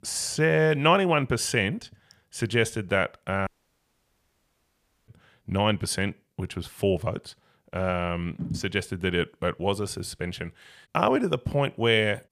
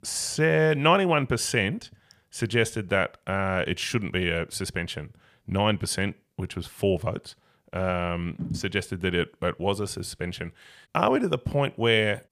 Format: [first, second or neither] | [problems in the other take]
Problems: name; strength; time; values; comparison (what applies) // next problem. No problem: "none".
second | audio cutting out; at 3.5 s for 1.5 s